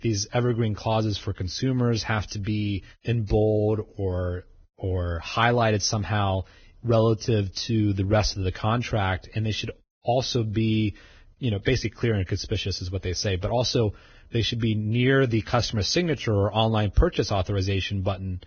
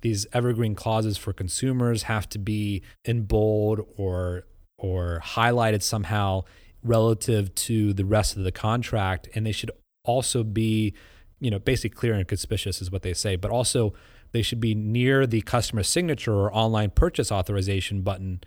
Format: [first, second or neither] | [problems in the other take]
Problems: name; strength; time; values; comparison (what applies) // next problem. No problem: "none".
second | garbled, watery; badly; nothing above 6.5 kHz